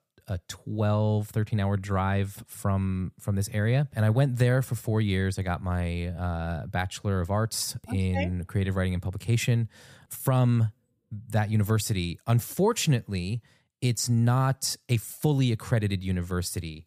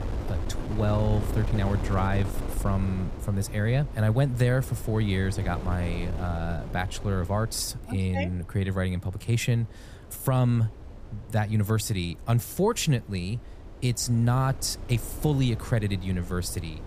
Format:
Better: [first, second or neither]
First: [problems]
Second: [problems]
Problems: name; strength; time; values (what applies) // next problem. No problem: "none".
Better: first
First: none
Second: wind noise on the microphone; occasional gusts; 10 dB below the speech